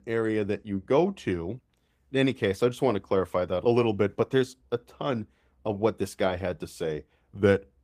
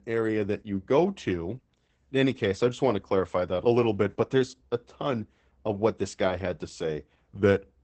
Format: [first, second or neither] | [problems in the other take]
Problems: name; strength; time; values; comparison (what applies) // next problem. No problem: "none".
first | garbled, watery; badly; nothing above 8 kHz; slightly in the first